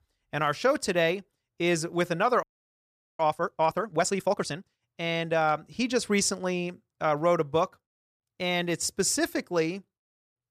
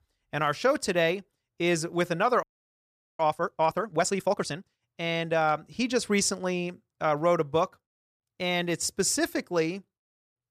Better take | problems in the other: neither | audio freezing; at 2.5 s for 1 s; the same in both

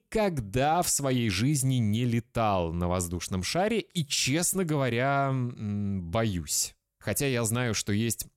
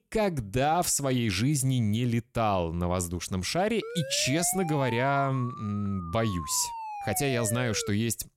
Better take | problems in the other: first | siren; noticeable; from 4 s on; peak 9 dB below the speech

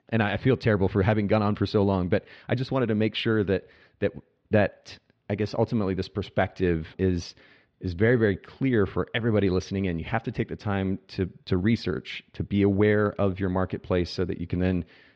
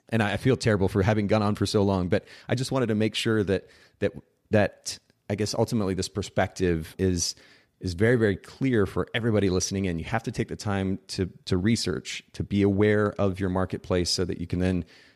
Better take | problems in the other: second | muffled; slightly; fading above 3.5 kHz

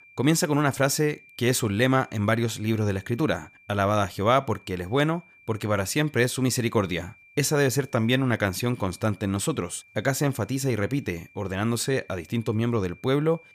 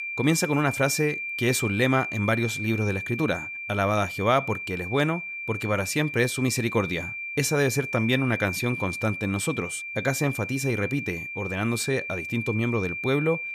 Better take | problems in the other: first | high-pitched whine; loud; throughout; 2.5 kHz, 5 dB below the speech; faint in the first

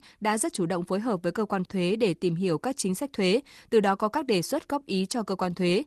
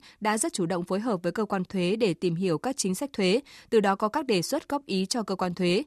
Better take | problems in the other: second | garbled, watery; slightly; nothing above 14 kHz

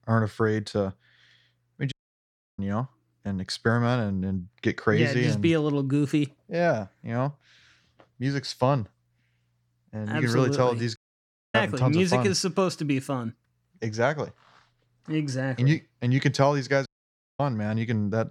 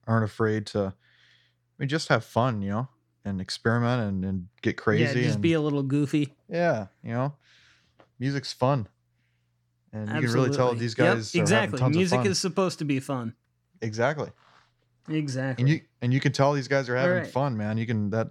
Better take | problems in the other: second | audio cutting out; at 2 s for 0.5 s, at 11 s for 0.5 s and at 17 s for 0.5 s

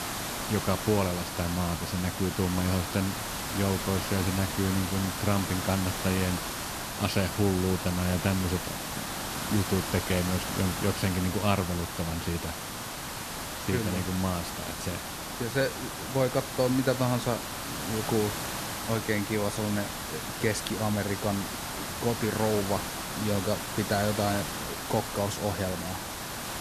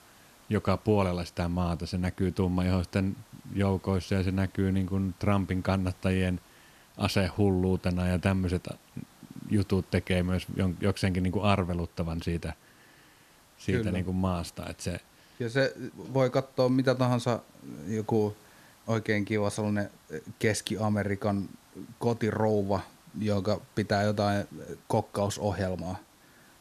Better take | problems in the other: second | hiss; loud; throughout; 4 dB below the speech; faint in the second

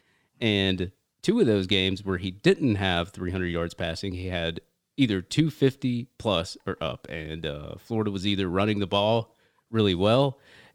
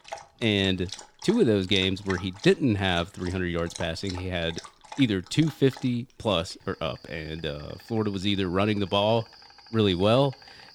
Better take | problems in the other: first | animal sounds; noticeable; throughout; 20 dB below the speech

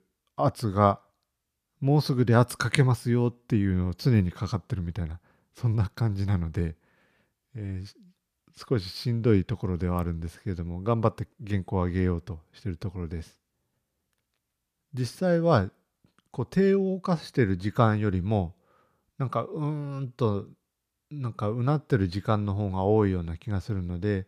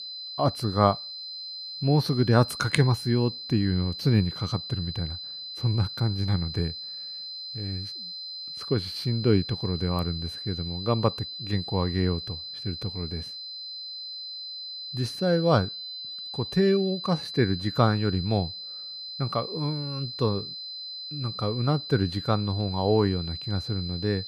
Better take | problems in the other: first | high-pitched whine; loud; throughout; 4 kHz, 8 dB below the speech

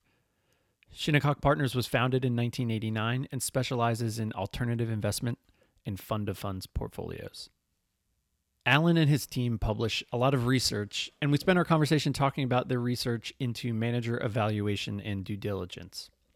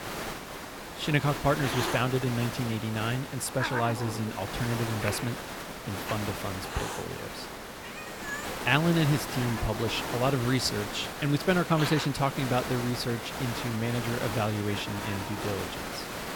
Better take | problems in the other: first | hiss; loud; throughout; 5 dB below the speech

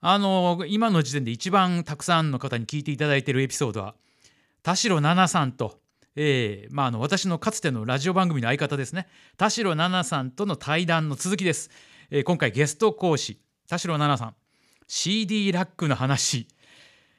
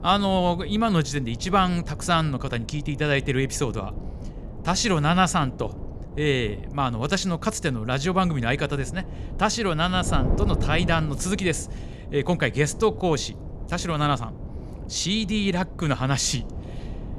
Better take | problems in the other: first | wind noise on the microphone; occasional gusts; 20 dB below the speech

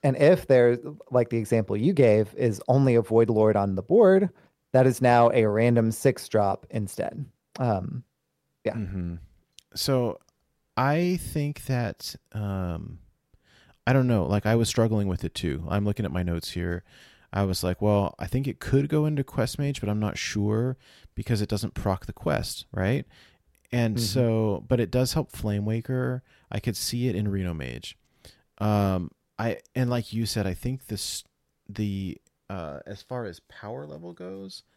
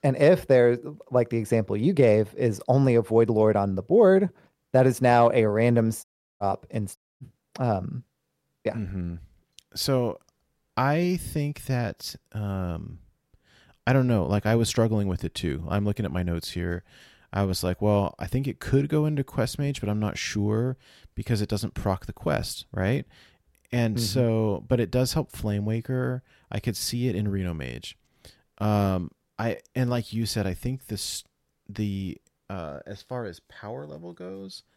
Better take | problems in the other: first | audio cutting out; at 6 s and at 7 s

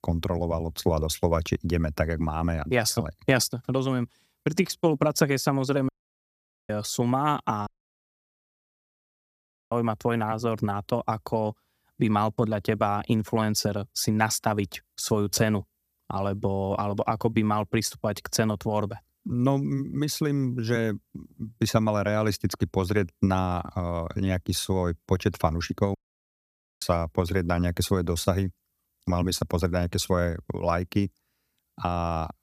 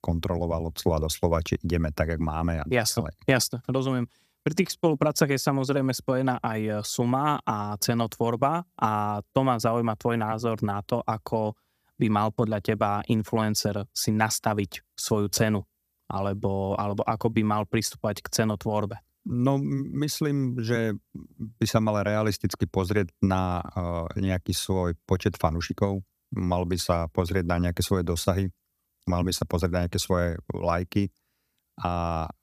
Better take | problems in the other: second | audio cutting out; at 6 s for 1 s, at 7.5 s for 2 s and at 26 s for 1 s

